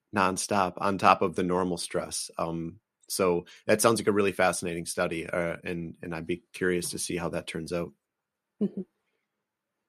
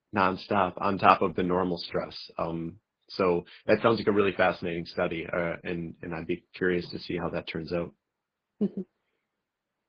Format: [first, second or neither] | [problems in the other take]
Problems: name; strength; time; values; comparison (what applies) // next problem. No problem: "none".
first | garbled, watery; badly